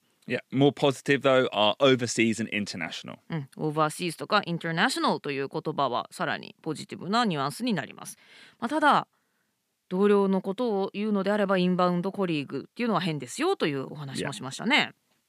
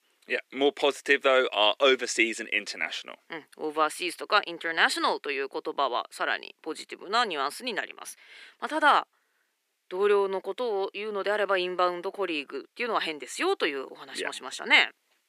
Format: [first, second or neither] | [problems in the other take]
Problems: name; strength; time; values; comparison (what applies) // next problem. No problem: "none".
first | thin; somewhat; fading below 350 Hz